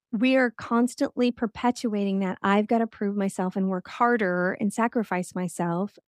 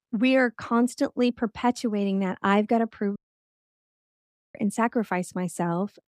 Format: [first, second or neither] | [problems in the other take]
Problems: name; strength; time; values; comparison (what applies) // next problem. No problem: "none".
first | audio cutting out; at 3 s for 1.5 s